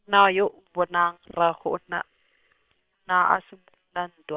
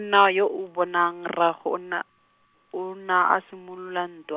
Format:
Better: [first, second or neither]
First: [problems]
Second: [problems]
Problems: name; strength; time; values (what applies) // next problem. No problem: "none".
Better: second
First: noise reduction (neural separator model SepFormer WHAM!)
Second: none